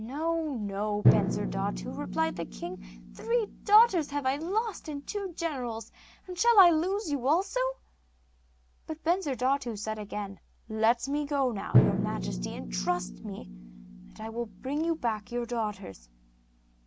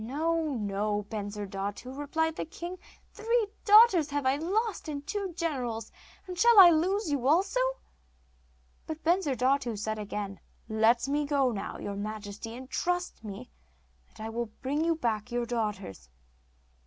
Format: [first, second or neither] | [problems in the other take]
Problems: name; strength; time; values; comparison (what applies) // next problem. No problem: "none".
second | background sound (Drum); 5 dB below the speech